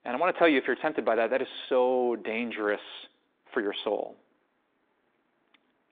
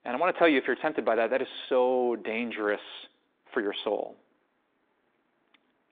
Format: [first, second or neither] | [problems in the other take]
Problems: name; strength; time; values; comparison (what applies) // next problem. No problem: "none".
neither | phone-call audio; nothing above 3.5 kHz; the same in both